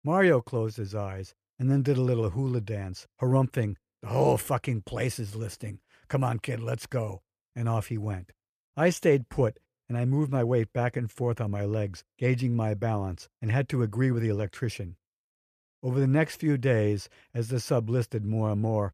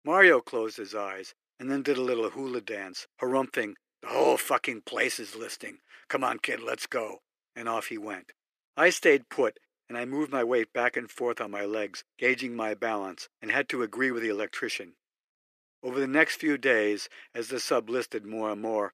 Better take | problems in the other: first | thin; somewhat; fading below 300 Hz

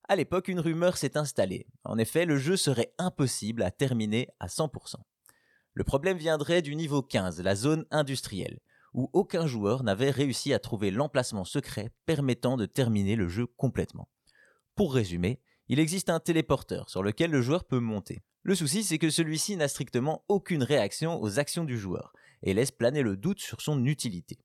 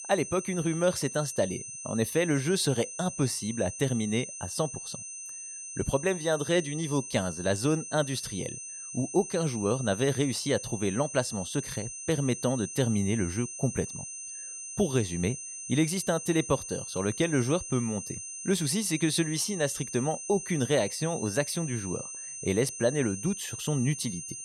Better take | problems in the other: first | high-pitched whine; loud; throughout; 6.5 kHz, 8 dB below the speech

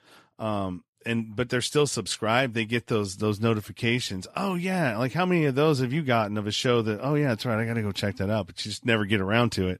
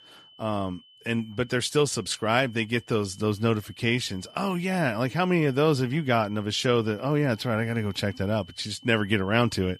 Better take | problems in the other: first | high-pitched whine; faint; throughout; 3 kHz, 25 dB below the speech

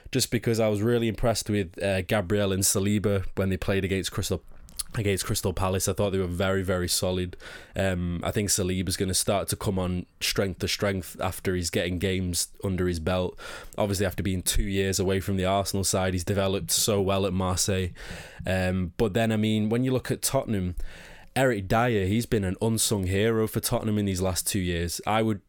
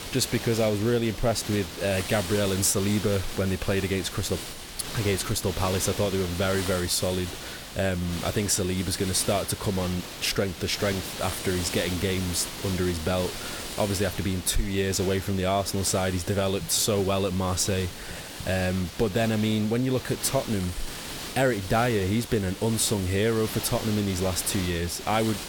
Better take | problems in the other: first | hiss; loud; throughout; 9 dB below the speech

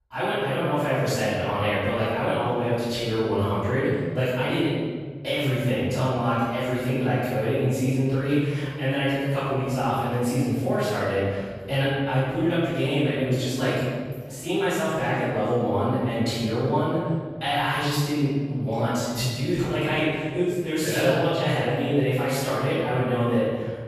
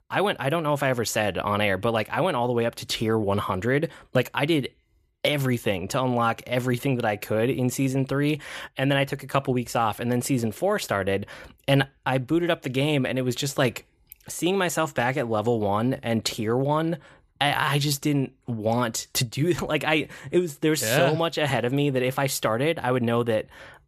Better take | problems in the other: second | room echo; strong; dies away in 1.7 s // off-mic speech; far

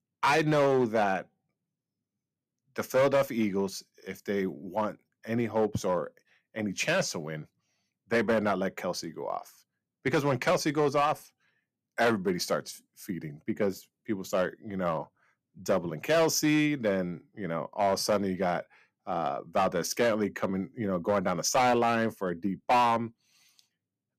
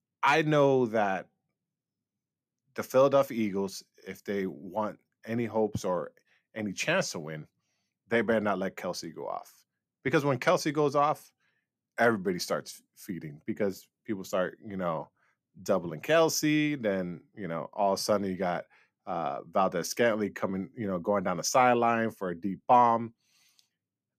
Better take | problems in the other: second | distortion; slight; 4% of the sound clipped

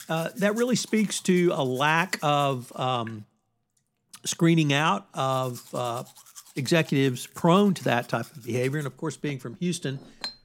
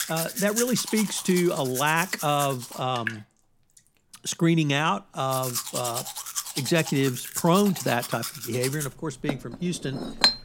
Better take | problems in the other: first | household noises; loud; throughout; 5 dB below the speech; faint in the first

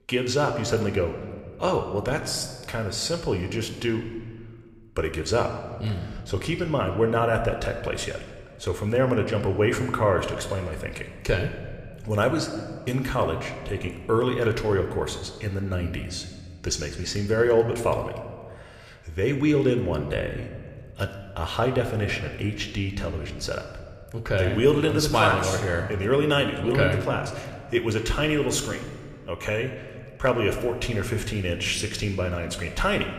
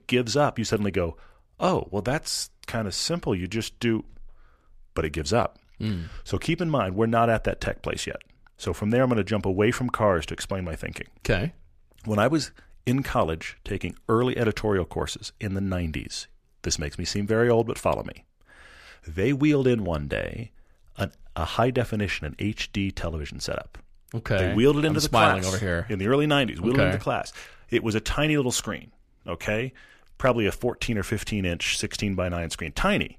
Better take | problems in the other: second | room echo; slight; dies away in 1.3 s

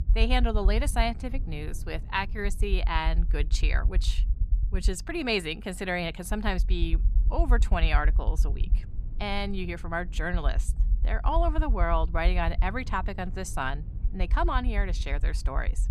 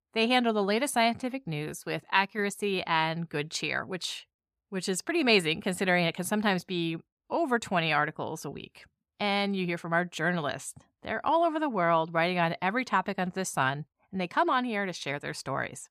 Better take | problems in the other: second | low rumble; faint; throughout; 20 dB below the speech

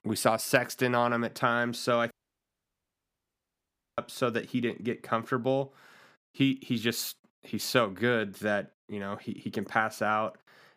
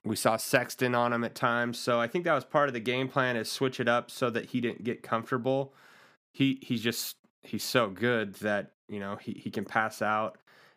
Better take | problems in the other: second | audio cutting out; at 2 s for 2 s

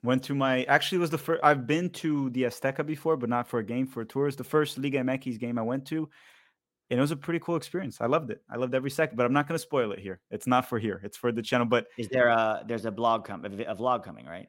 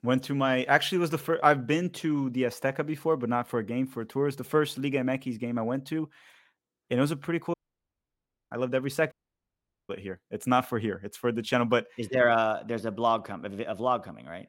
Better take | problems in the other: first | audio cutting out; at 7.5 s for 1 s and at 9 s for 1 s

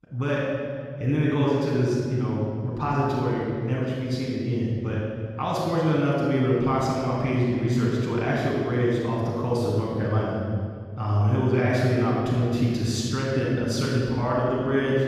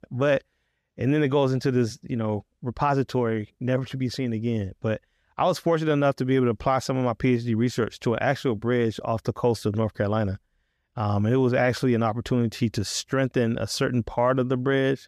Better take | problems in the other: second | off-mic speech; far // room echo; strong; dies away in 2.1 s

